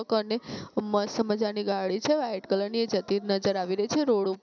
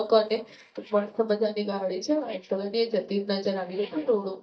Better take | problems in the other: first | noise reduction (neural mask model DeepFilterNet 3)

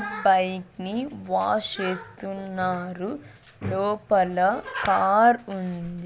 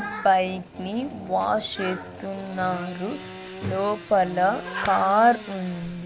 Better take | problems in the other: first | background sound (Sawing / Engine); 15 dB below the speech

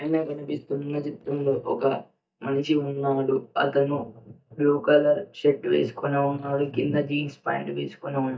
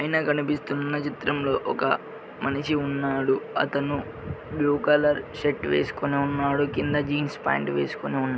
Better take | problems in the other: second | noise reduction (neural mask model DeepFilterNet 3)

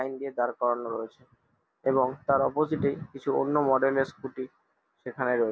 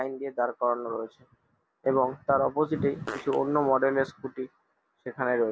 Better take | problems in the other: first | background sound (Fart); 13 dB below the speech

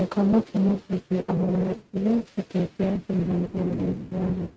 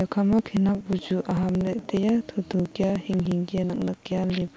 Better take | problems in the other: second | noise reduction (neural mask model RNNoise)

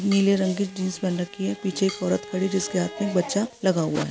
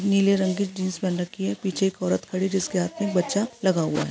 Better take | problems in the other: second | background sound (Drum kit + Bowed string instrument); 18 dB below the speech

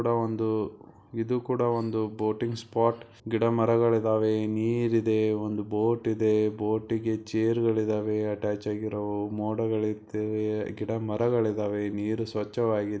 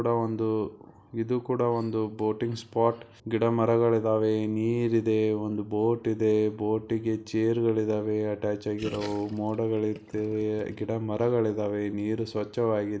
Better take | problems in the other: first | background sound (Gurgling); 19 dB below the speech

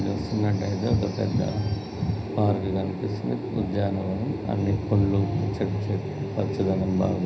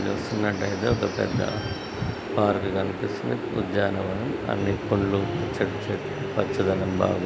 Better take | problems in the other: second | room echo; dies away in 0.4 s

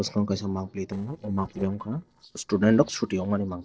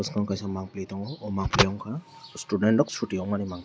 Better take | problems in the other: second | noise reduction (neural separator model SepFormer DNS4)

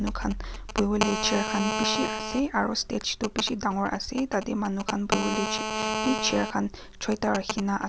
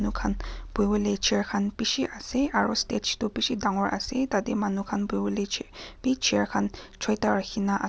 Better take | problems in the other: second | background sound (Telephone); 5 dB below the speech

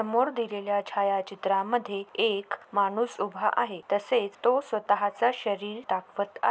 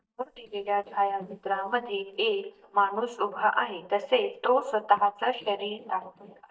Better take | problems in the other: first | noise reduction (neural mask model DeepFilterNet 3)

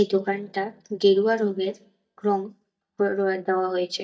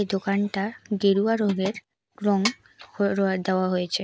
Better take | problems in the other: second | noise reduction (neural mask model DeepFilterNet 3)

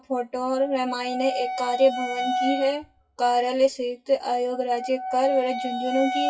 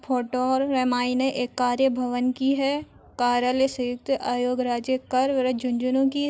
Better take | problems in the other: second | noise reduction (classical method WPE with log-MMSE)

